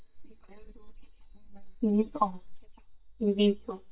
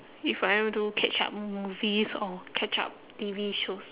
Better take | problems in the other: second | noise reduction (neural mask model DeepFilterNet 3)

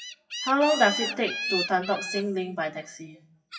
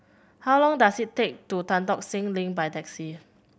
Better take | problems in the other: second | noise reduction (classical method WPE with log-MMSE)

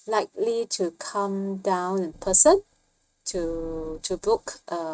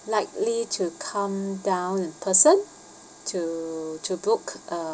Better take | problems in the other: second | noise reduction (neural mask model RNNoise)

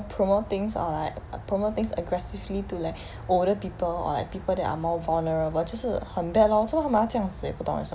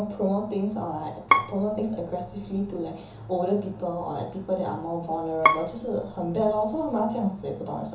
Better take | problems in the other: first | background sound (Bowed string instrument); as loud as the speech // room echo; dies away in 0.8 s

